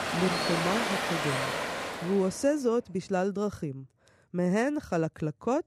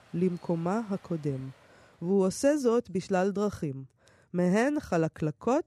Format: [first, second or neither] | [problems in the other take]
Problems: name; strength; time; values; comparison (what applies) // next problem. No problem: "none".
second | rain or running water; loud; until 2 s; as loud as the speech; faint in the second